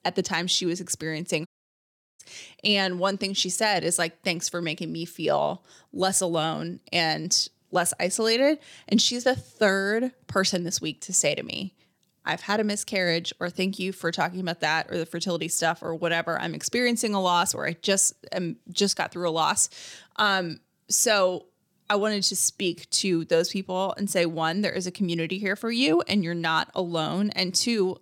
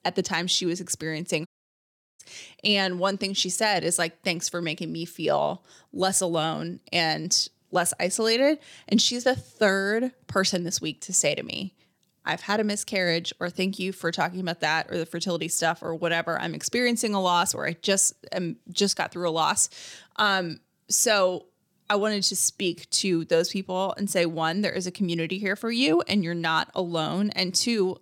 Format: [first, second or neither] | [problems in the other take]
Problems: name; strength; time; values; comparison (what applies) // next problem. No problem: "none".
neither | audio cutting out; at 1.5 s for 0.5 s; the same in both